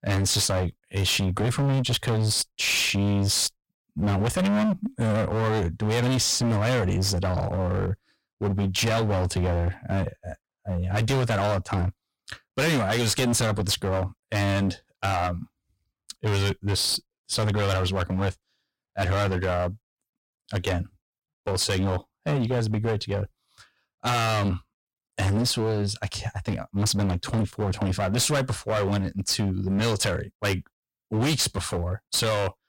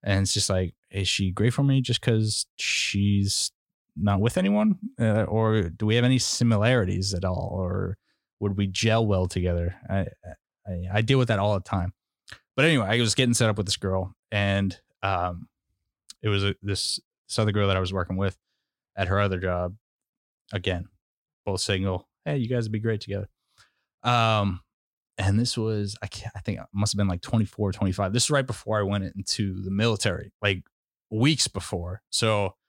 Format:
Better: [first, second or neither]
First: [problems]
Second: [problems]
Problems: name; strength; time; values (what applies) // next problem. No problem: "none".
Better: second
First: distortion; heavy; 20% of the sound clipped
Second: none